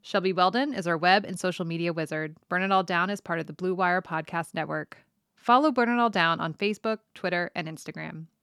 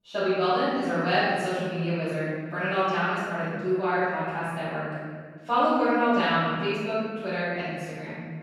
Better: first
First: none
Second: off-mic speech; far // room echo; strong; dies away in 1.7 s

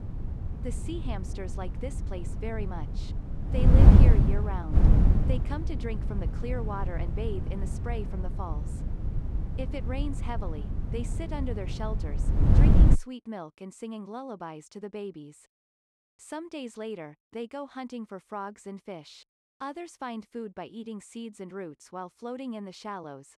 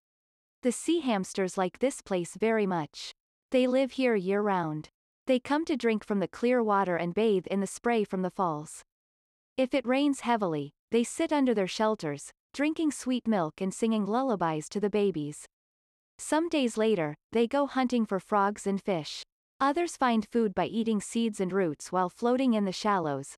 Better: second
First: wind noise on the microphone; heavy; until 13 s; as loud as the speech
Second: none

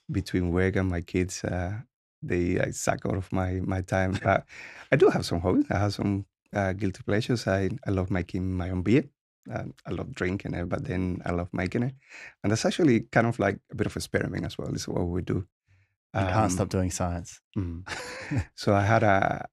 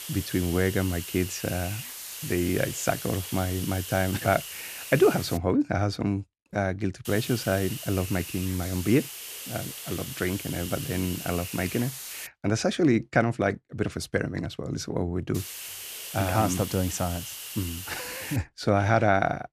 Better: first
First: none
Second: hiss; loud; until 5.5 s, from 7 to 12 s and from 15 to 18 s; 8 dB below the speech

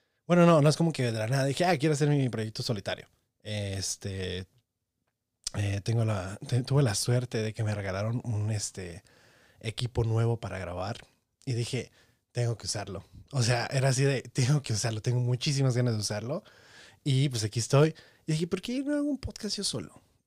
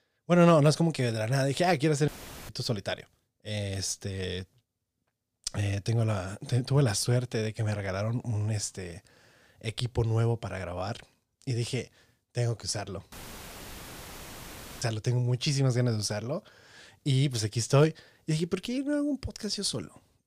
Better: first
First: none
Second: audio cutting out; filled with static; at 2 s and at 13 s for 1.5 s

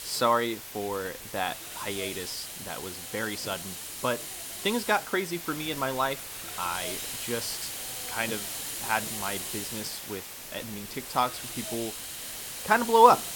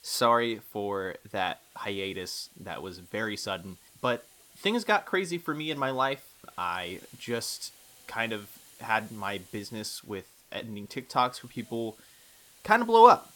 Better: second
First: hiss; loud; throughout; 6 dB below the speech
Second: hiss; faint; throughout; 25 dB below the speech

